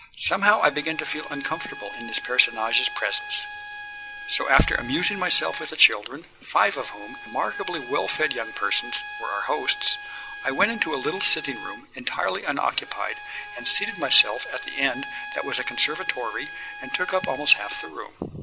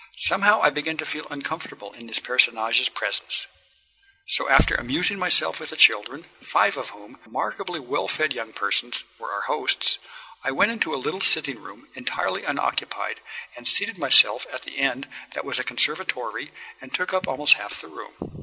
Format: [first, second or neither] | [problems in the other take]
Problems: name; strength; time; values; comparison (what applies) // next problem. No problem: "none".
second | background sound (Bowed string instrument); 11 dB below the speech